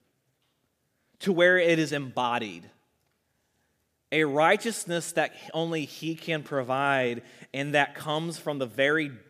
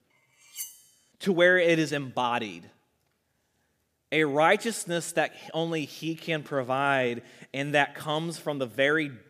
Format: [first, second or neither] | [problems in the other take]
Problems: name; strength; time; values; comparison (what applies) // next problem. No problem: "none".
first | clattering dishes; faint; at 0.5 s; peak 10 dB below the speech